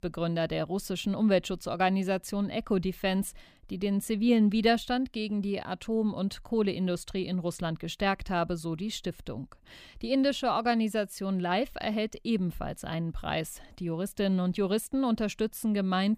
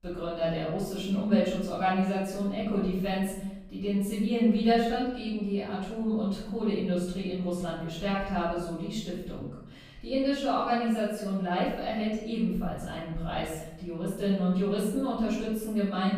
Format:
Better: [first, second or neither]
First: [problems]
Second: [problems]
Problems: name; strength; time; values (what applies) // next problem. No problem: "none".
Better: first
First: none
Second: off-mic speech; far // room echo; noticeable; dies away in 0.8 s